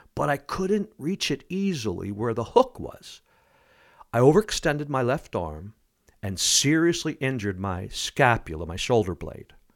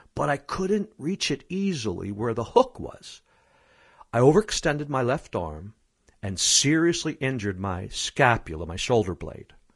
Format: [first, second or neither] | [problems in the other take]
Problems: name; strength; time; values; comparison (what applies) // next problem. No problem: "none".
first | garbled, watery; slightly; nothing above 10.5 kHz